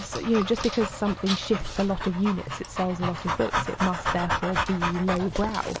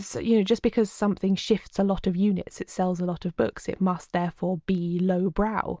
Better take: second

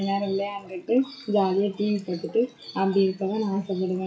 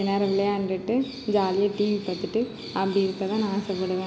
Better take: second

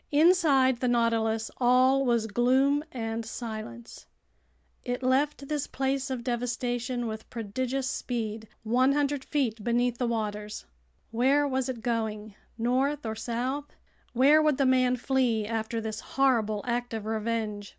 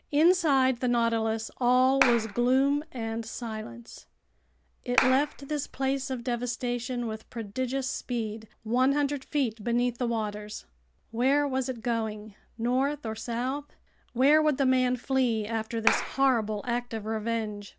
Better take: first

